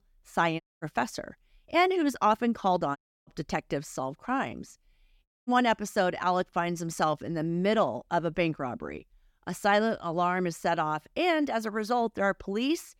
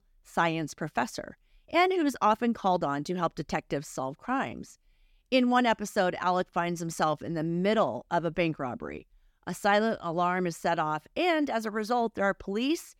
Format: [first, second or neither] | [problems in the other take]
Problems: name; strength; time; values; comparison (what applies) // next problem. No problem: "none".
second | audio cutting out; at 0.5 s, at 3 s and at 5.5 s